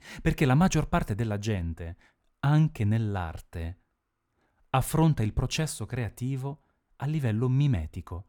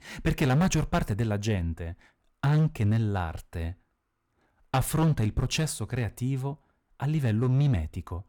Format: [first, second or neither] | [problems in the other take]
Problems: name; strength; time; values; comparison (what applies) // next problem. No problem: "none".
first | distortion; slight; 6% of the sound clipped